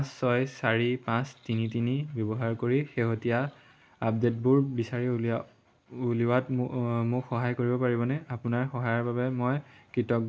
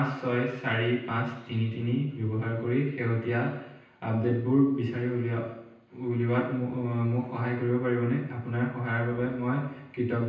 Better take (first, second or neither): first